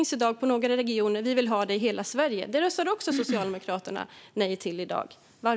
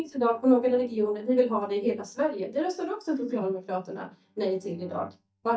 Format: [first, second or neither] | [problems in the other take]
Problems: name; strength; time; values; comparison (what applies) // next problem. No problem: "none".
first | noise reduction (neural mask model DeepFilterNet 3)